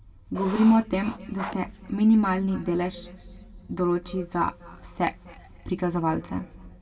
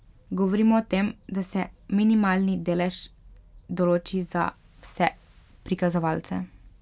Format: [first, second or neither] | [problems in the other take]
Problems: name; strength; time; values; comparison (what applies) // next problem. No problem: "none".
second | background sound (Writing); 13 dB below the speech // room echo; dies away in 2.1 s